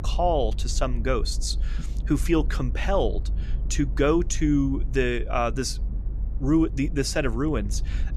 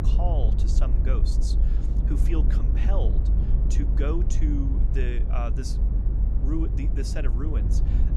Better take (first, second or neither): first